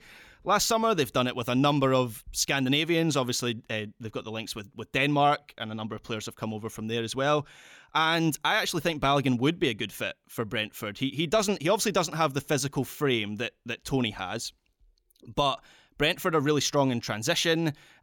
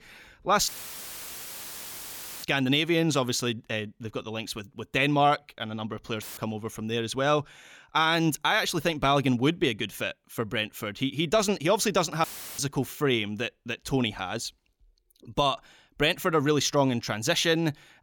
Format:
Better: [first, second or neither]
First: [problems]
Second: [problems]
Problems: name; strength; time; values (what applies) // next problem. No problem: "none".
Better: first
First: none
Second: audio cutting out; filled with static; at 0.5 s for 2 s, at 6 s and at 12 s